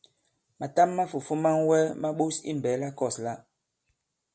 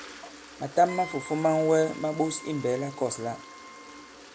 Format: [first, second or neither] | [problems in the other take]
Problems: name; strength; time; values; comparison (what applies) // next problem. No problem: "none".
first | background sound (Wind instrument, woodwind instrument + Toilet flush); 15 dB below the speech